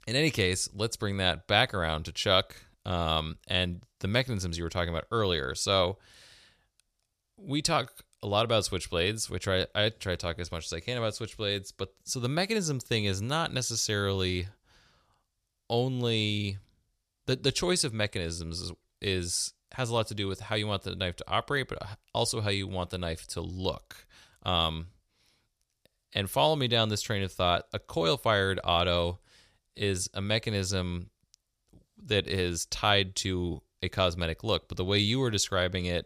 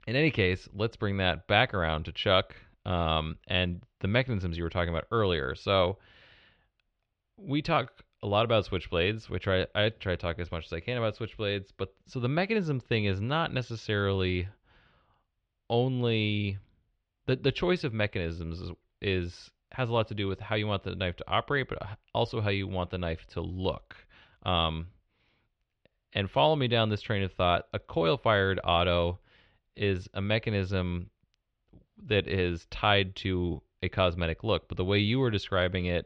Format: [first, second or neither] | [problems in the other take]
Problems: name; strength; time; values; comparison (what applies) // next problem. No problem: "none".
first | muffled; very; fading above 3 kHz